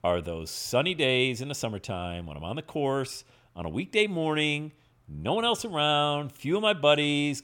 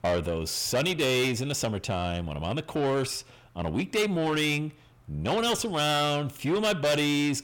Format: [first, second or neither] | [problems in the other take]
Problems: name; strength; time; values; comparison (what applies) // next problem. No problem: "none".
first | distortion; heavy; 7 dB below the speech